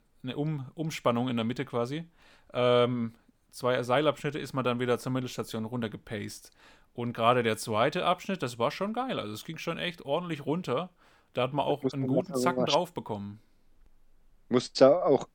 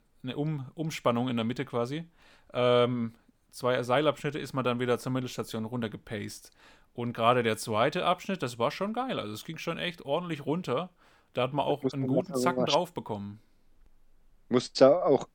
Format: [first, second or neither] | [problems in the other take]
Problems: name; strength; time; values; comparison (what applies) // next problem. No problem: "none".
neither | none